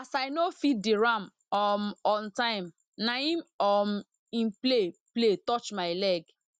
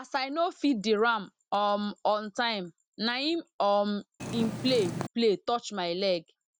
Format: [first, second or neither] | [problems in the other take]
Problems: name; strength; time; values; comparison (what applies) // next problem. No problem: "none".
first | background sound (Purr); 6 dB below the speech